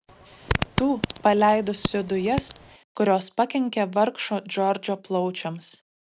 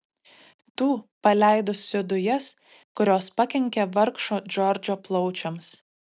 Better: second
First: background sound (Fart); 7 dB below the speech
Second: none

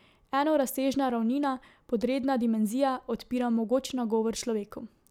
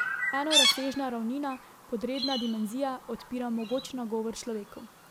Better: first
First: none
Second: background sound (Chirp, tweet); as loud as the speech

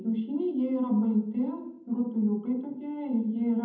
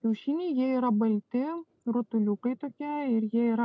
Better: second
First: room echo; dies away in 0.8 s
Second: none

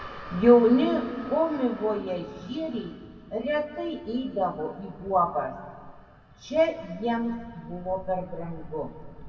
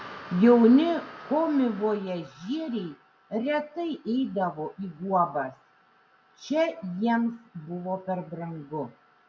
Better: second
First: background sound (Thunder); 20 dB below the speech // room echo; dies away in 1.9 s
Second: none

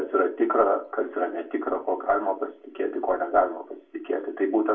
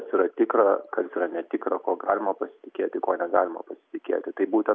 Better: second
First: room echo; dies away in 0.3 s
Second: none

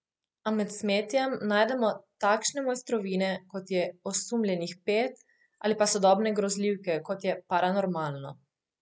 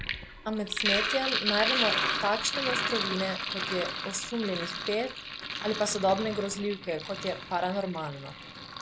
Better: first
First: none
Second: background sound (Sink (filling or washing)); 1 dB below the speech

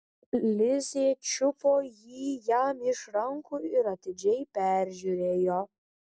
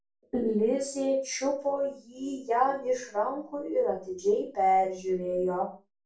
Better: first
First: none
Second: room echo; dies away in 0.3 s

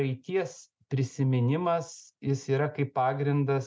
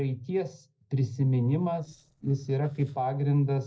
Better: first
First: none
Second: noise reduction (neural separator model SepFormer DNS4)

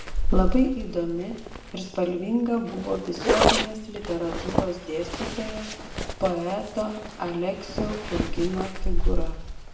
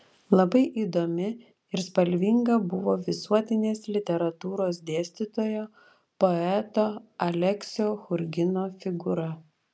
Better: second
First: background sound (Zipper (clothing)); 2 dB above the speech // room echo; dies away in 0.8 s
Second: none

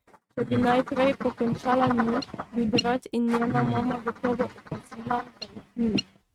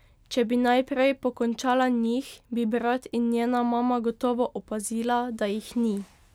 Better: second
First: noise reduction (neural mask model RNNoise)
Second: none

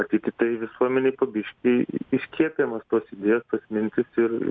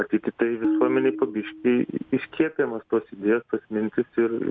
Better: first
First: none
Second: background sound (Tabla); 7 dB below the speech

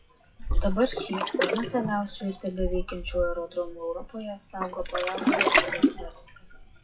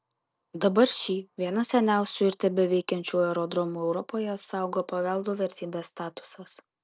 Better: second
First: noise reduction (classical method WPE with log-MMSE)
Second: none

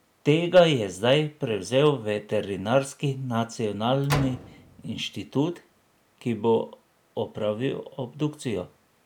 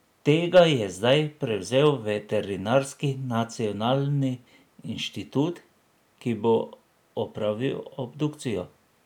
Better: second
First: background sound (Slam); 11 dB below the speech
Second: none

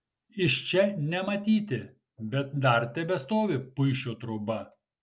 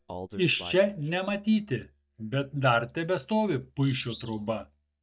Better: first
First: none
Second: noise reduction (neural mask model DeepFilterNet 3)

